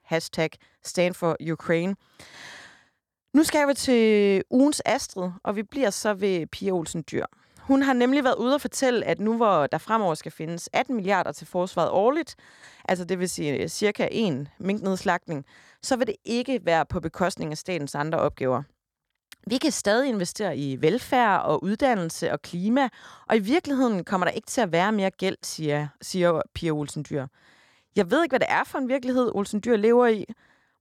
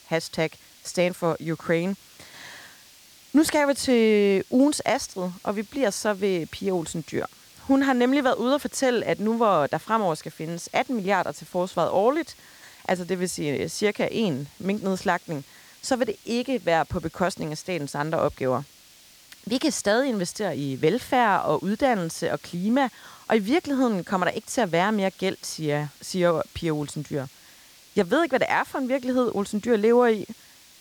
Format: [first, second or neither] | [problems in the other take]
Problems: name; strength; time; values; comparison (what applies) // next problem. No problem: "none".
first | hiss; faint; throughout; 25 dB below the speech